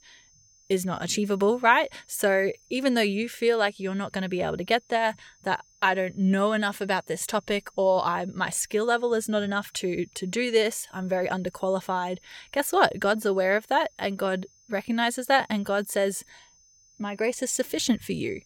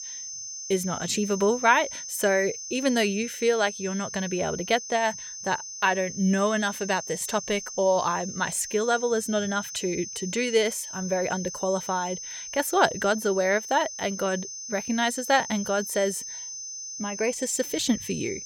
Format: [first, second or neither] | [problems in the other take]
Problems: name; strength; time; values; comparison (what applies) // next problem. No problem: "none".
first | high-pitched whine; loud; throughout; 6 kHz, 9 dB below the speech; faint in the first